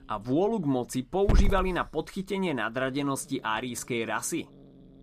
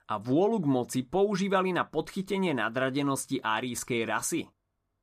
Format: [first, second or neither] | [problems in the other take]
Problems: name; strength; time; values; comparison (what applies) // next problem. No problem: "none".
second | hiss; loud; throughout; 1 dB below the speech